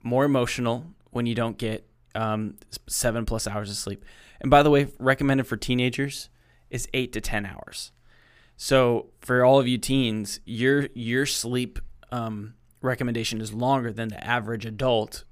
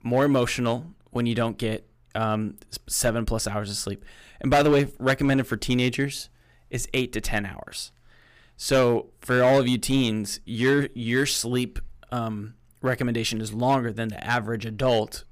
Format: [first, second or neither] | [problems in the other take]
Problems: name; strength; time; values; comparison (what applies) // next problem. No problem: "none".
first | distortion; slight; 3% of the sound clipped